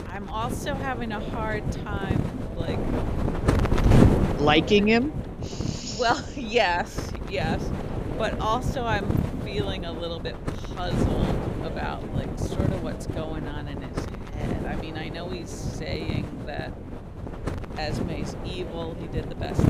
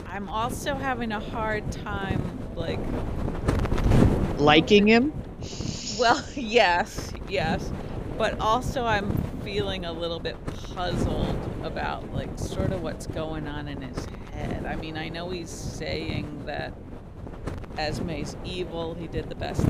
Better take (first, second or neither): second